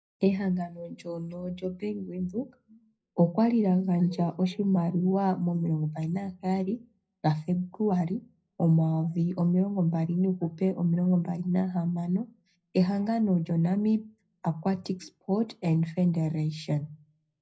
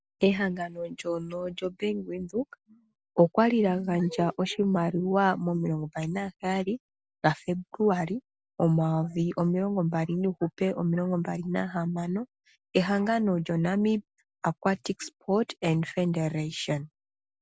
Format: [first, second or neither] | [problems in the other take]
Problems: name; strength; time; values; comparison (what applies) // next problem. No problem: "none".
second | room echo; dies away in 0.4 s